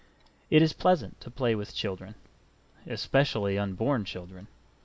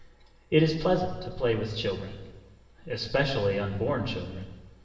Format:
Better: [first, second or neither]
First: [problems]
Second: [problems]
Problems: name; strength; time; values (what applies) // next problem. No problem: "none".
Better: first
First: none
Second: room echo; dies away in 1.2 s